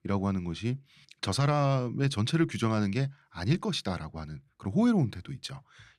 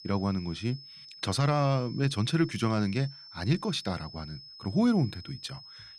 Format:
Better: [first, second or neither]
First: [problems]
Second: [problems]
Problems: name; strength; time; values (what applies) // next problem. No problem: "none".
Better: first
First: none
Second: high-pitched whine; noticeable; throughout; 5 kHz, 15 dB below the speech